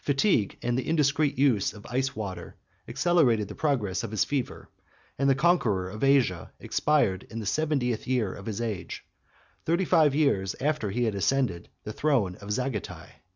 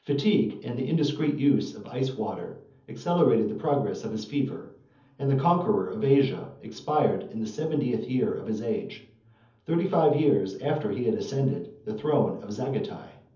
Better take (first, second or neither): first